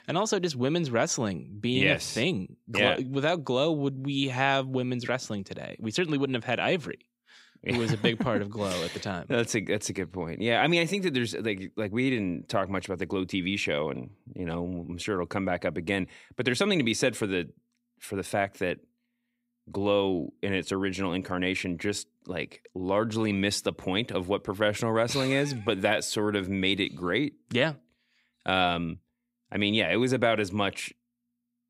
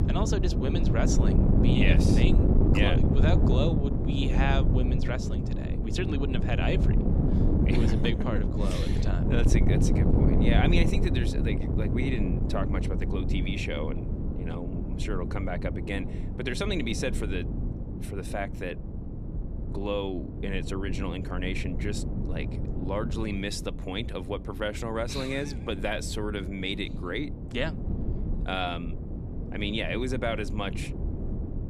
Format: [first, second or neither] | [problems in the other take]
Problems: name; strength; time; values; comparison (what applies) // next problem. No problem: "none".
first | wind noise on the microphone; heavy; 4 dB below the speech